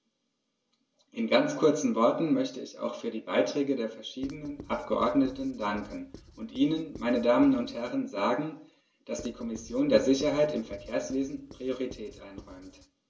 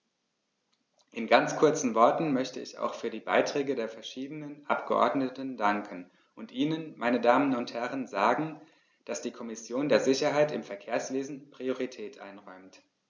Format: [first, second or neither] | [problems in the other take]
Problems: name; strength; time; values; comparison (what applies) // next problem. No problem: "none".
second | background sound (Writing); 20 dB below the speech // room echo; dies away in 0.2 s